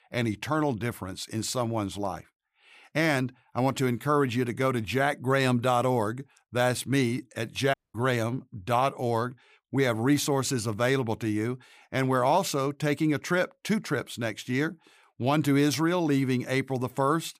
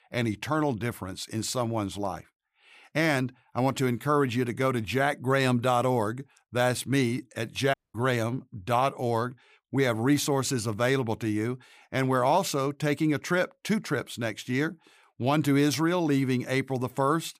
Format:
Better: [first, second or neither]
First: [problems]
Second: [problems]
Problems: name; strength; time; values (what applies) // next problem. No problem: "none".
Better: neither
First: audio cutting out; at 7.5 s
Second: audio cutting out; at 7.5 s